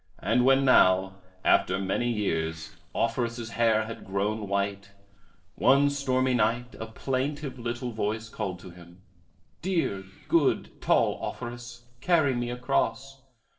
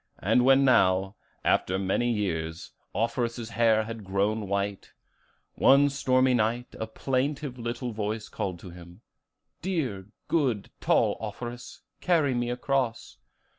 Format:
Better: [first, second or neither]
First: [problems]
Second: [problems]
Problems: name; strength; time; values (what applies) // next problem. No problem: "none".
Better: second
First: noise reduction (neural separator model SepFormer DNS4)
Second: none